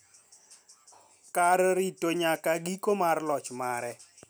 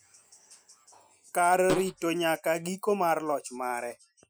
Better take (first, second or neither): first